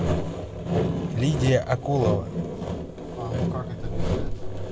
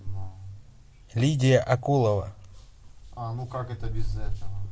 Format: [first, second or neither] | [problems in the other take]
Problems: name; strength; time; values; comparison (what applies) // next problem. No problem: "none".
second | background sound (Sawing); 1 dB below the speech